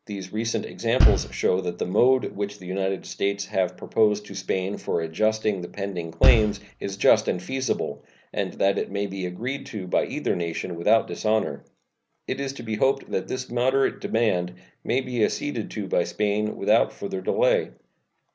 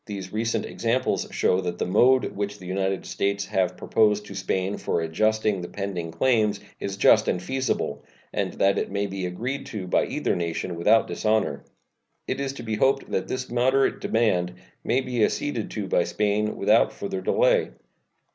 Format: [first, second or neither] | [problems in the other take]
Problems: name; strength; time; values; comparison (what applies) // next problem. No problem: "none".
second | background sound (Bass drum); 3 dB above the speech